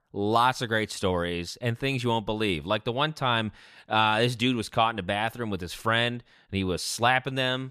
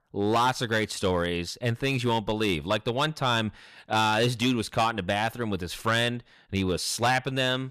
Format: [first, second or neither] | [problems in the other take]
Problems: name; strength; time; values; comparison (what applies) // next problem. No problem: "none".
first | distortion; slight; 5% of the sound clipped